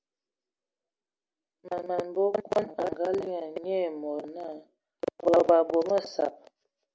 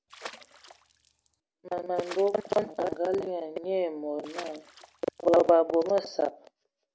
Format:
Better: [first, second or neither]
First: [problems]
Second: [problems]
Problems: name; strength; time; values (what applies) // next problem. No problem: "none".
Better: first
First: none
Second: background sound (Water / Splash, splatter); 19 dB below the speech